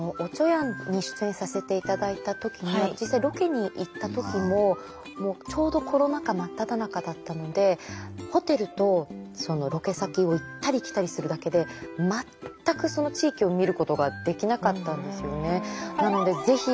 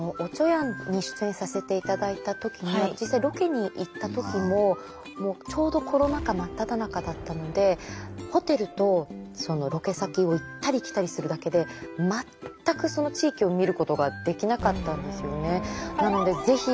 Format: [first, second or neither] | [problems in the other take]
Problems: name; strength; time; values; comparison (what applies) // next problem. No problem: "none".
first | background sound (Explosion); 19 dB below the speech